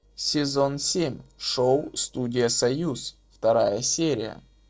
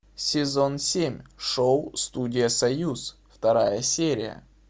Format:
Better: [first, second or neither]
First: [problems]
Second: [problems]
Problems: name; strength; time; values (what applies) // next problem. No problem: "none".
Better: second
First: noise reduction (neural separator model SepFormer DNS4)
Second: none